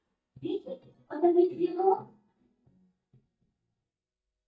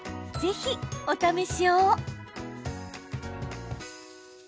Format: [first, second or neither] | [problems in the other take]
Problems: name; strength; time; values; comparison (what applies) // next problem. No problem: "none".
second | noise reduction (neural mask model DeepFilterNet 3)